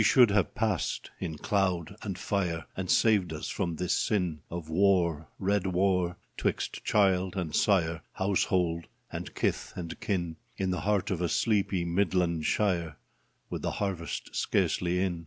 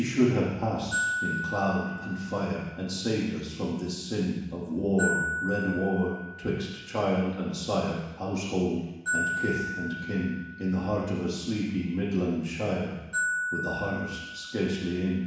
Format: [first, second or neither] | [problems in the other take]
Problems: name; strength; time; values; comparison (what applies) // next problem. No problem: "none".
first | background sound (Glockenspiel); 7 dB below the speech // room echo; dies away in 1.1 s